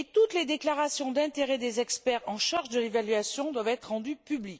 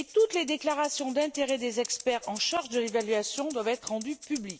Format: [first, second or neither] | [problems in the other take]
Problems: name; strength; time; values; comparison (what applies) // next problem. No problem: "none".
first | background sound (Rattle (instrument)); 16 dB below the speech